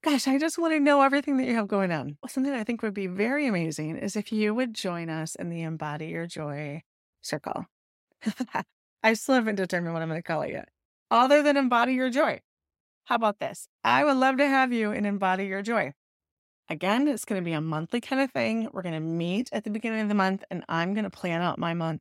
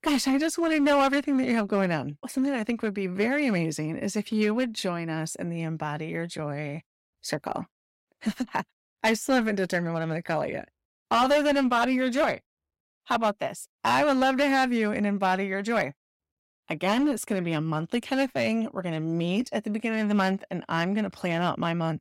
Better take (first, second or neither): first